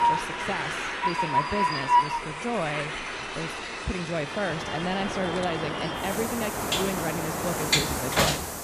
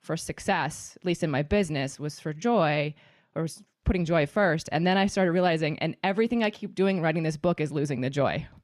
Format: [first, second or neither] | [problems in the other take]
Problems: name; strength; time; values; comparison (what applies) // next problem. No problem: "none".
second | train or aircraft noise; very loud; throughout; 5 dB above the speech